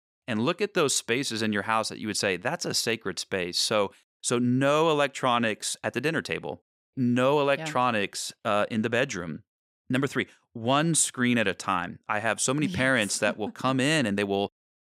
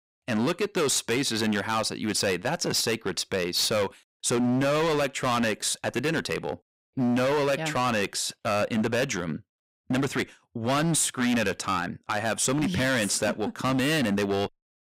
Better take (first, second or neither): first